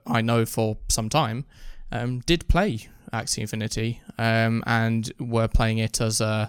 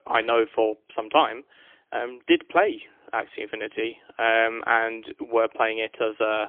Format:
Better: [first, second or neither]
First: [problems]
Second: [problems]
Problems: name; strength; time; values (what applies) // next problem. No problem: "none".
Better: first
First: none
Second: phone-call audio; poor line; nothing above 3.5 kHz